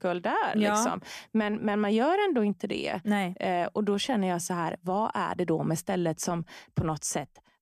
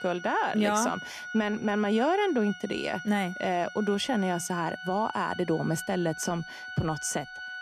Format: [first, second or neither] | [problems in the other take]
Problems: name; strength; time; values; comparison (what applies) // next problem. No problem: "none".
first | background music; noticeable; throughout; 10 dB below the speech